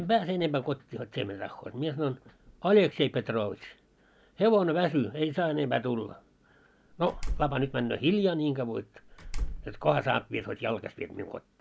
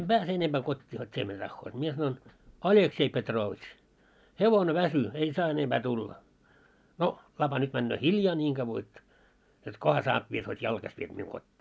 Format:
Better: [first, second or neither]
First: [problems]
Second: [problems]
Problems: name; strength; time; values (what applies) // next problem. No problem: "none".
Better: second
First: background sound (Slam); 6 dB below the speech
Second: none